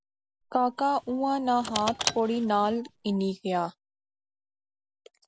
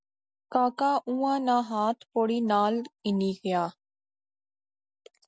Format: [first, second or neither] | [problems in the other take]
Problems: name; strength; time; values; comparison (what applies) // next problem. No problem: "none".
second | background sound (Car); 9 dB below the speech